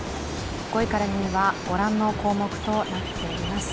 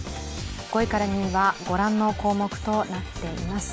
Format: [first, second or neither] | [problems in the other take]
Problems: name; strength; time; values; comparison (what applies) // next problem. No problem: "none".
second | background sound (Ocean); 7 dB below the speech